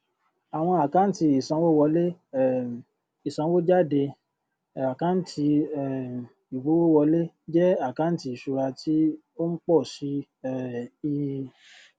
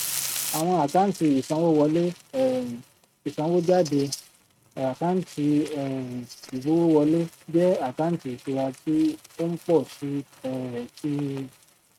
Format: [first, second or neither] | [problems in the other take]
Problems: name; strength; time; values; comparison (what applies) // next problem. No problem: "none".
first | noise reduction (neural mask model RNNoise)